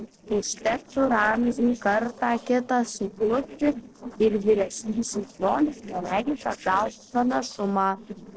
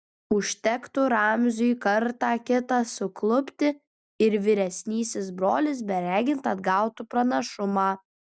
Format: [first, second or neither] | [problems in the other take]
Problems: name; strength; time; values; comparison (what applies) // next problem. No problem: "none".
second | noise reduction (neural separator model SepFormer DNS4)